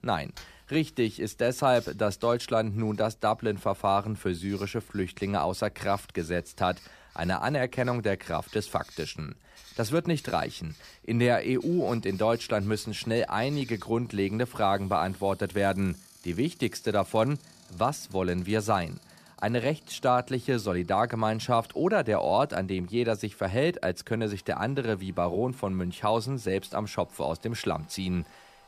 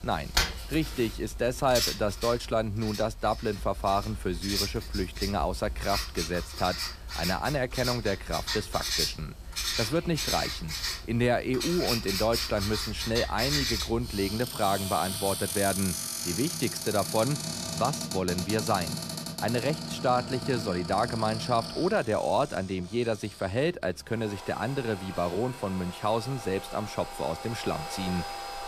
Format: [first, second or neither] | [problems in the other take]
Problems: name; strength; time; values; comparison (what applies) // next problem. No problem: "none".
first | household noises; loud; throughout; 3 dB below the speech; faint in the first